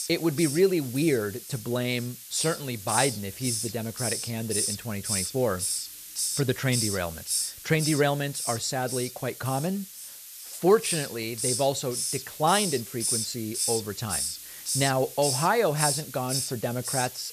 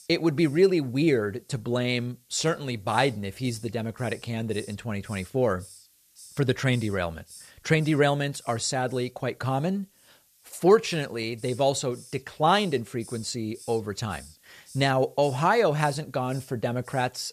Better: second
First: hiss; loud; throughout; 2 dB below the speech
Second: hiss; faint; throughout; 25 dB below the speech

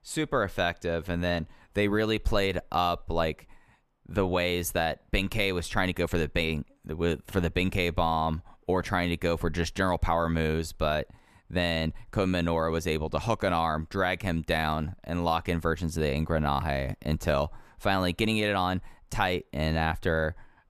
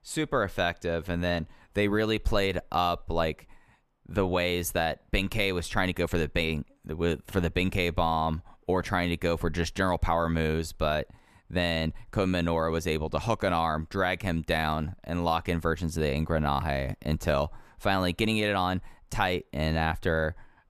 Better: neither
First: none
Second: none

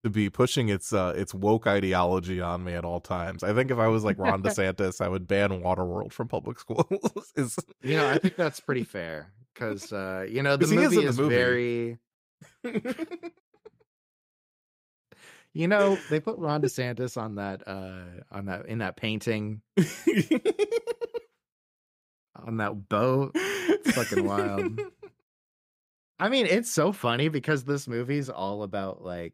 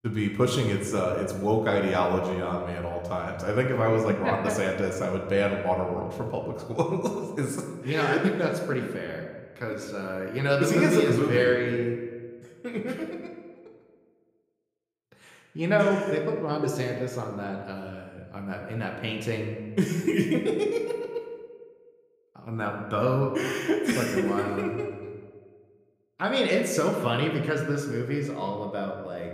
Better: first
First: none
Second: room echo; slight; dies away in 1.1 s

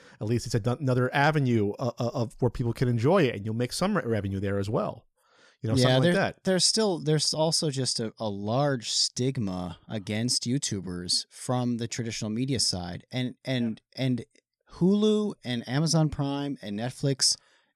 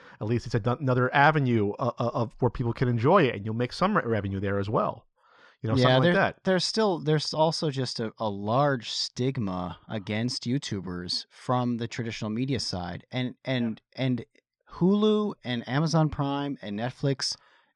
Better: first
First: none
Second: muffled; slightly; fading above 3.5 kHz

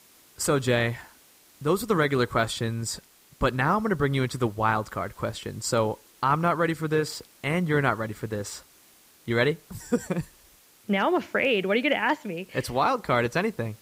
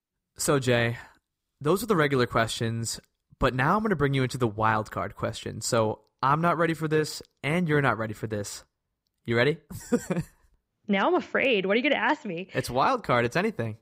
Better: second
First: hiss; faint; throughout; 30 dB below the speech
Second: none

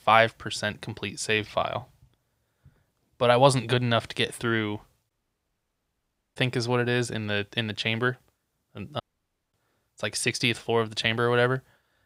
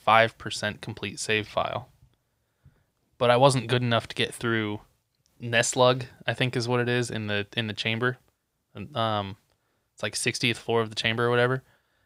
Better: second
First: audio cutting out; at 5 s for 1.5 s and at 9 s for 0.5 s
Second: none

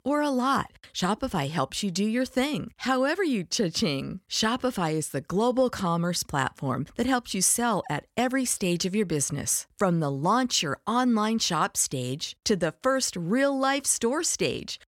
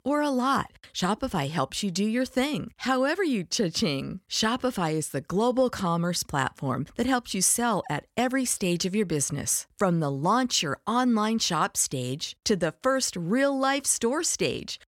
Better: neither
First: none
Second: none

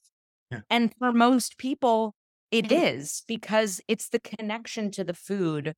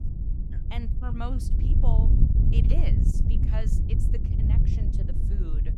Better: first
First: none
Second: wind noise on the microphone; heavy; 1 dB above the speech

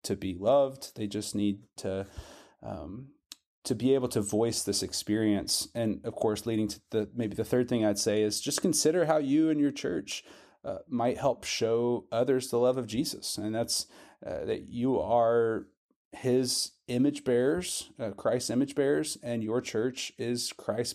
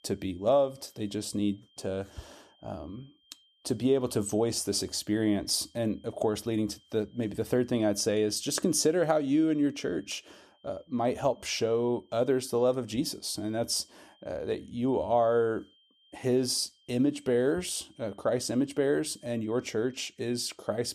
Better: first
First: none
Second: high-pitched whine; faint; throughout; 3 kHz, 35 dB below the speech

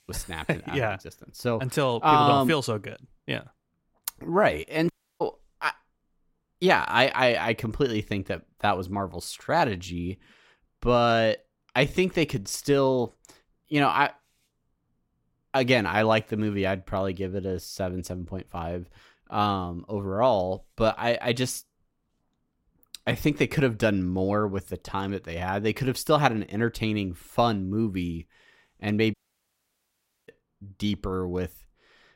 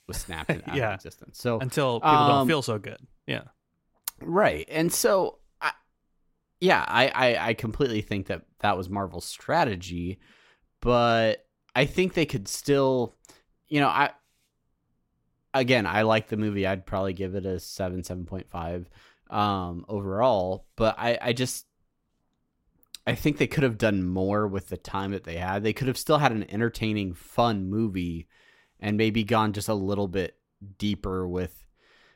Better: second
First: audio cutting out; at 5 s and at 29 s for 1 s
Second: none

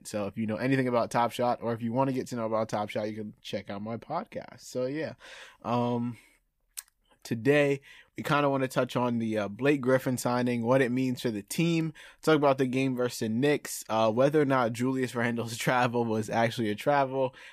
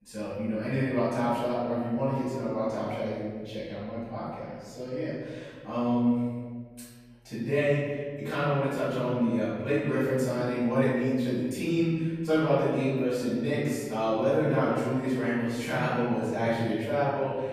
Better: first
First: none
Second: off-mic speech; far // room echo; strong; dies away in 1.8 s

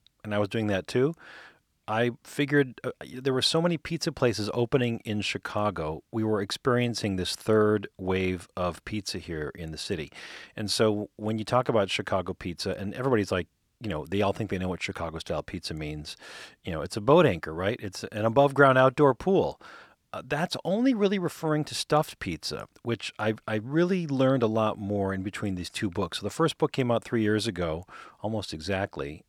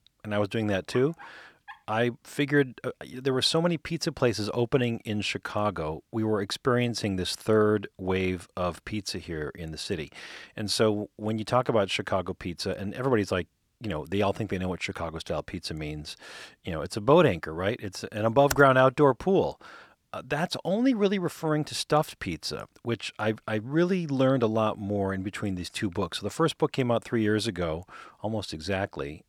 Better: first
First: none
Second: dog barking; faint; at 1 s; peak 20 dB below the speech // keyboard typing; very faint; at 19 s; peak 7 dB below the speech

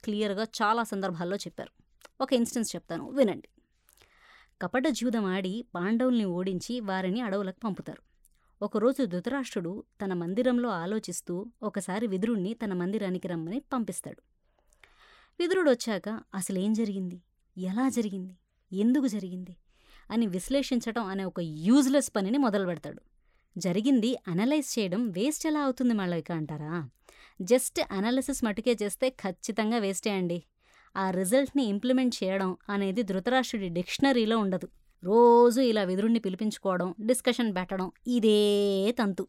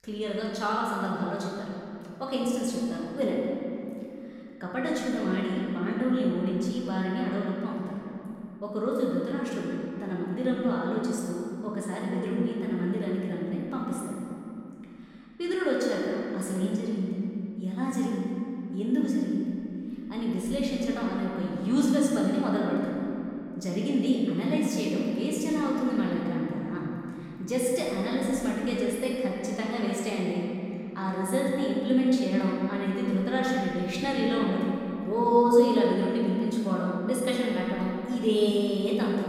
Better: first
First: none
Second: room echo; strong; dies away in 2.8 s // off-mic speech; far

